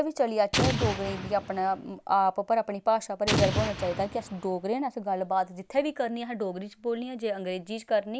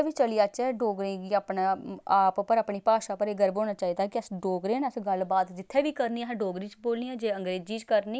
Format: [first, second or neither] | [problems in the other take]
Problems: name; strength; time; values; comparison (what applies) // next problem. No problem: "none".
second | background sound (Explosion); 2 dB below the speech